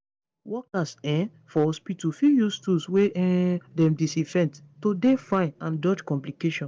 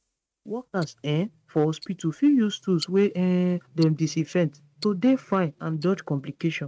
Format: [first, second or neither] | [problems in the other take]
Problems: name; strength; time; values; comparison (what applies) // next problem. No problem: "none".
first | noise reduction (neural mask model RNNoise)